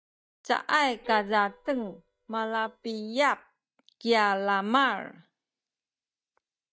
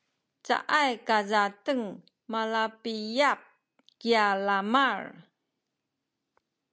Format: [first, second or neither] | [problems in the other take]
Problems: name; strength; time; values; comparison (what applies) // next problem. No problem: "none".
second | noise reduction (neural mask model DeepFilterNet 3)